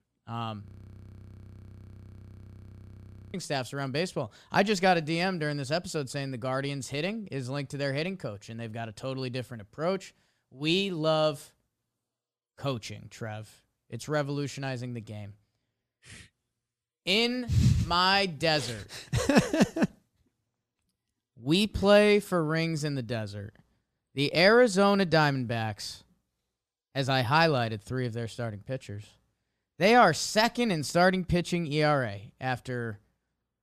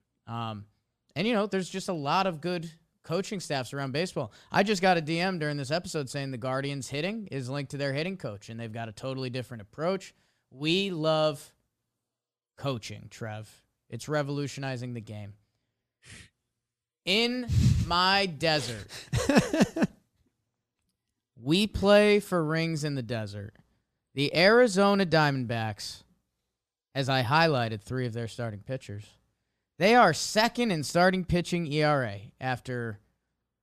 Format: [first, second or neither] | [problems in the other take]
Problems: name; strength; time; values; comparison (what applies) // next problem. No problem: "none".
second | audio freezing; at 0.5 s for 2.5 s